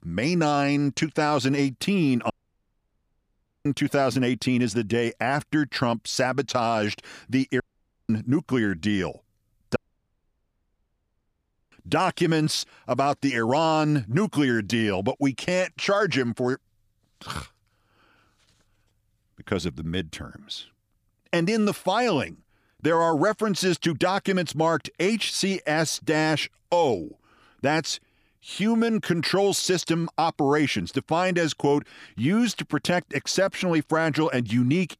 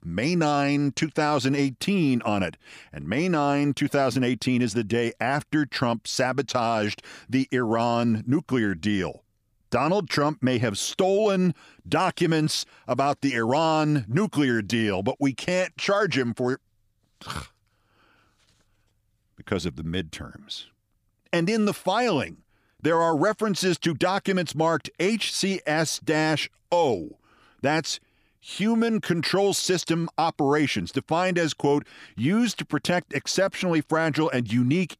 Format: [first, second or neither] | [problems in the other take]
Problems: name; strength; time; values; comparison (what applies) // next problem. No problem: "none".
second | audio cutting out; at 2.5 s for 1.5 s, at 7.5 s and at 10 s for 2 s